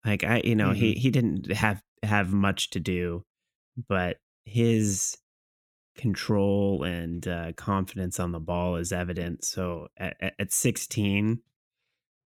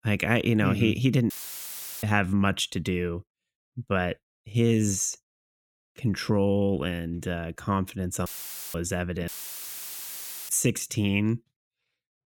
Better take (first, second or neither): first